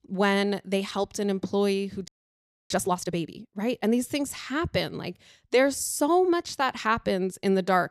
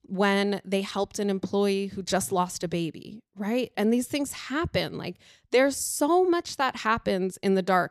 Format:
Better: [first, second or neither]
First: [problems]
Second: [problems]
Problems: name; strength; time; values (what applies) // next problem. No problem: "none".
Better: second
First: audio freezing; at 2 s for 0.5 s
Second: none